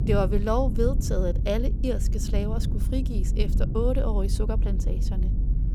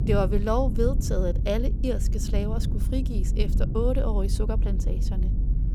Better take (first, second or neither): neither